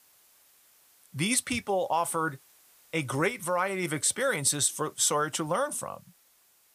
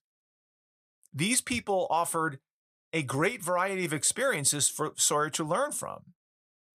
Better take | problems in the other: second | hiss; faint; throughout; 30 dB below the speech

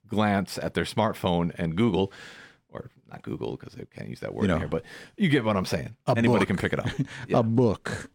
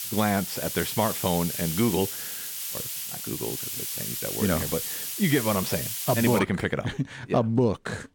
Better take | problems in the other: first | hiss; loud; until 6.5 s; 3 dB below the speech

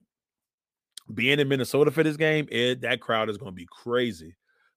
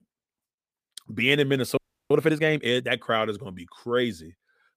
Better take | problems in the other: first | audio freezing; at 2 s

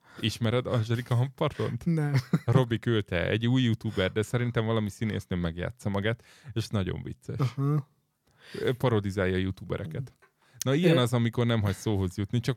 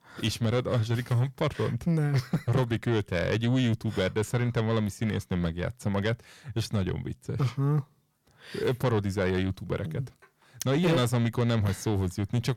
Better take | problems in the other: first | distortion; slight; 10 dB below the speech

